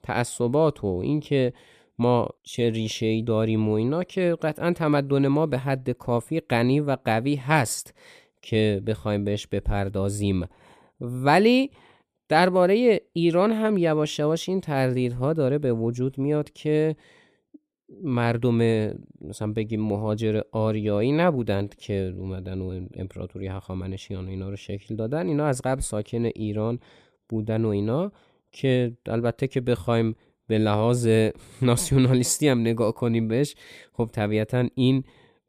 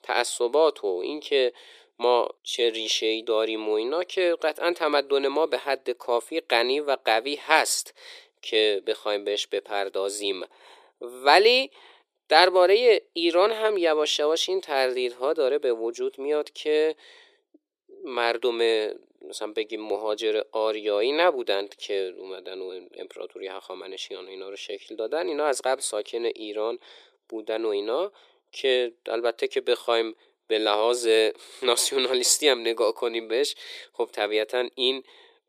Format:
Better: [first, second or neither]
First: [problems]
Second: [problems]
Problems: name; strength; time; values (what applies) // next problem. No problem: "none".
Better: first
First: none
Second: thin; very; fading below 350 Hz